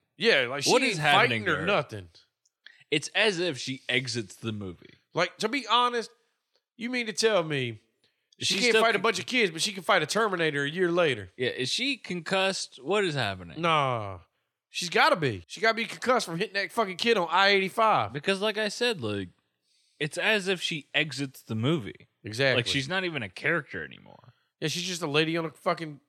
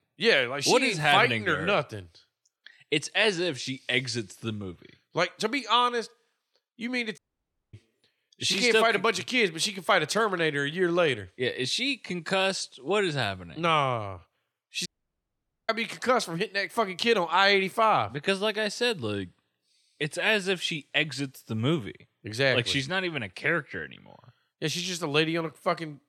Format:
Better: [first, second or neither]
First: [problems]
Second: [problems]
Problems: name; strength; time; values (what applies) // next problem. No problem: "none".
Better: first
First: none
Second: audio cutting out; at 7 s for 0.5 s and at 15 s for 1 s